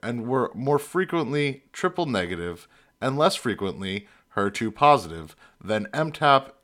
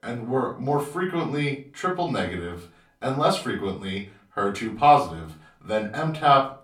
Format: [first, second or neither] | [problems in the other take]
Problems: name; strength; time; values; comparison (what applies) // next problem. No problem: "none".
first | off-mic speech; far // room echo; very slight; dies away in 0.3 s